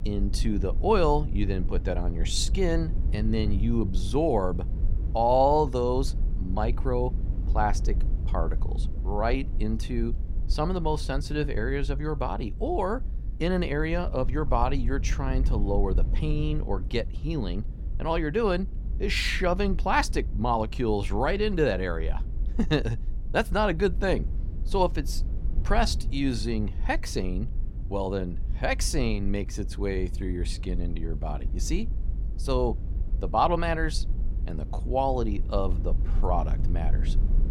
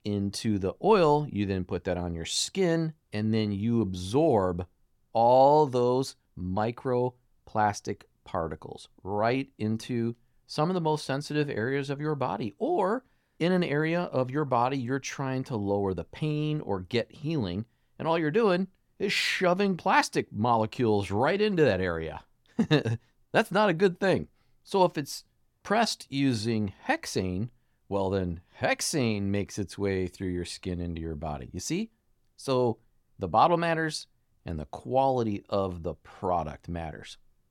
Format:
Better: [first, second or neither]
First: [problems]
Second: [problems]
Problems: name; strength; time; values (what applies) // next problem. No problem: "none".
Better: second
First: low rumble; noticeable; throughout; 20 dB below the speech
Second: none